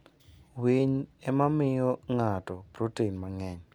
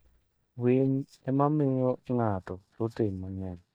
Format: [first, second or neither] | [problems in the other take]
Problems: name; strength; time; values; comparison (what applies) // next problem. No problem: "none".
first | noise reduction (neural mask model DeepFilterNet 3)